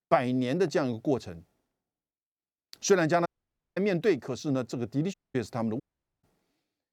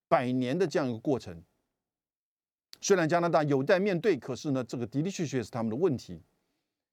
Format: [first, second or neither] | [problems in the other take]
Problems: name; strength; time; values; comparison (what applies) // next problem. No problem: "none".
second | audio cutting out; at 3.5 s for 0.5 s, at 5 s and at 6 s